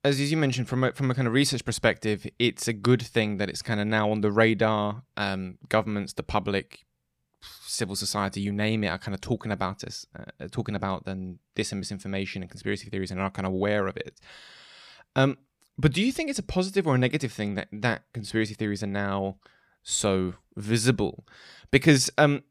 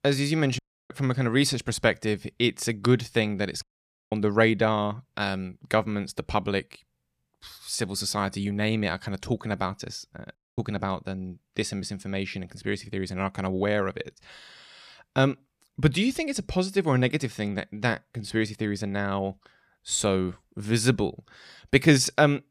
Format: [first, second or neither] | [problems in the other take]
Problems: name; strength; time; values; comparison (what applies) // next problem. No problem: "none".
first | audio cutting out; at 0.5 s, at 3.5 s and at 10 s